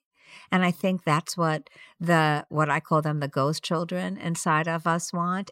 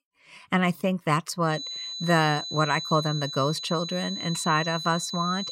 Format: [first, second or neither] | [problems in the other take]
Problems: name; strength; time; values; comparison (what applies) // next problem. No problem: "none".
first | high-pitched whine; loud; from 1.5 s on; 4 kHz, 6 dB below the speech